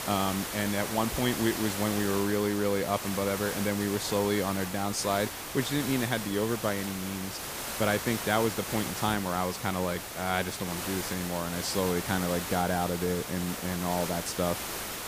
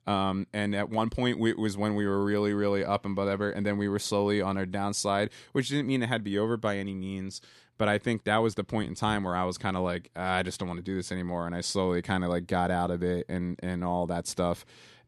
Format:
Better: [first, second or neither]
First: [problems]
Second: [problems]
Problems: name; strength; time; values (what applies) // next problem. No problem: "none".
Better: second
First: hiss; loud; throughout; 5 dB below the speech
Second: none